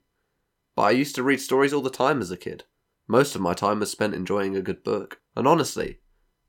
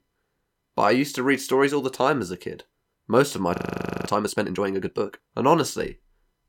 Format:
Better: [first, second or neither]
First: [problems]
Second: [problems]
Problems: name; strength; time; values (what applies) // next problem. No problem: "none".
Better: first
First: none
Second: audio freezing; at 3.5 s for 0.5 s